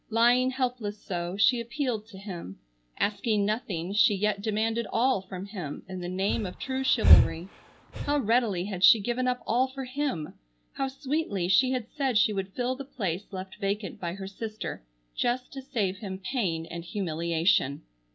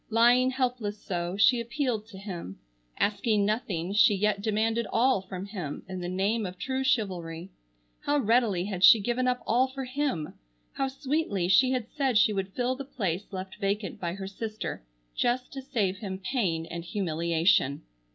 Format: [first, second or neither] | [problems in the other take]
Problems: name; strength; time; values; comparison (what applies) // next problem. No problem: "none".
second | background sound (Breathing); 4 dB above the speech